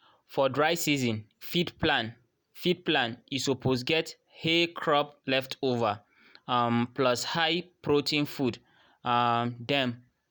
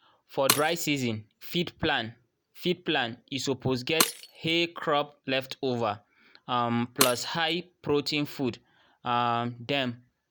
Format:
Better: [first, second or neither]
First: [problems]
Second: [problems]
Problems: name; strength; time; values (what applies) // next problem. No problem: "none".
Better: first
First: none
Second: background sound (Shatter); 7 dB below the speech